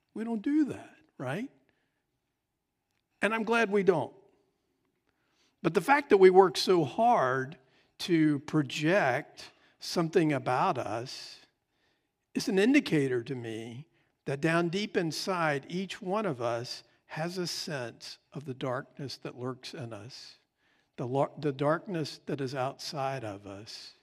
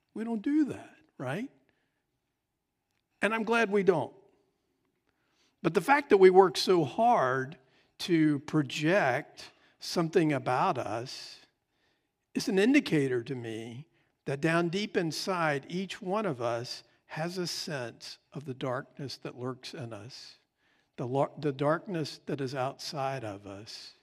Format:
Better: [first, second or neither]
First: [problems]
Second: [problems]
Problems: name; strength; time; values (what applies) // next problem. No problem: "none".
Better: neither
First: none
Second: none